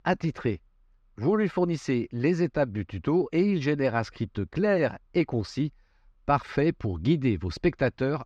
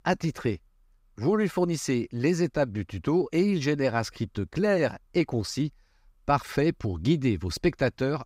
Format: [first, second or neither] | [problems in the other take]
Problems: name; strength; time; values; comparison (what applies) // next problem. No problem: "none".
second | muffled; very slightly; fading above 3.5 kHz